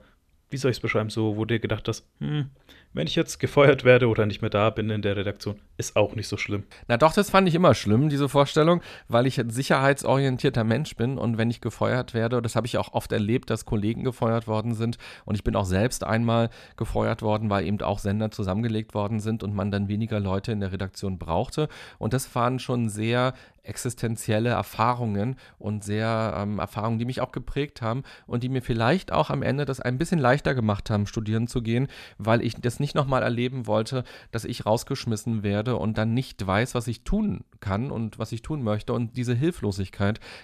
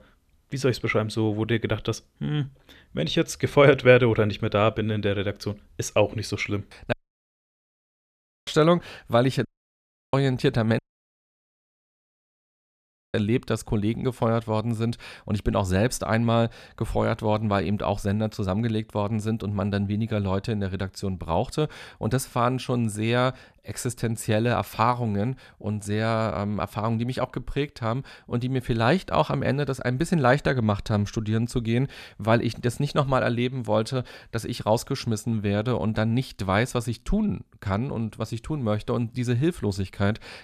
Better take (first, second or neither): first